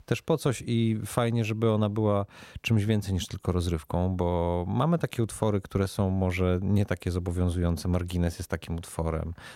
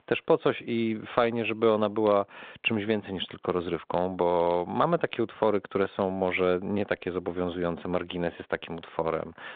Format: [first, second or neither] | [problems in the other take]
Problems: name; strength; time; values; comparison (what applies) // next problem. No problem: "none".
first | phone-call audio; nothing above 3.5 kHz